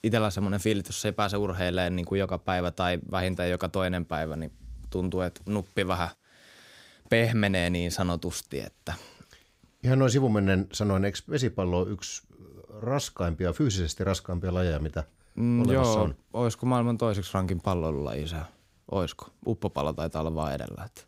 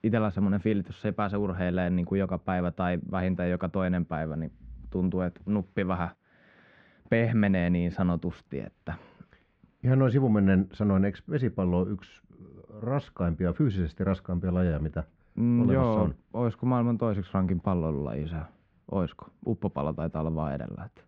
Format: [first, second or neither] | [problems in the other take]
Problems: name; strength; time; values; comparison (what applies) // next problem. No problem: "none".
first | muffled; very; fading above 2.5 kHz